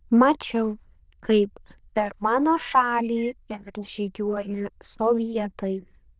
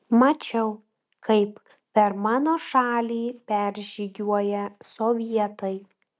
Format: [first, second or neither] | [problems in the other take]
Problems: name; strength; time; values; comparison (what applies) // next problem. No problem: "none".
second | noise reduction (neural diffusion model UNIVERSE++)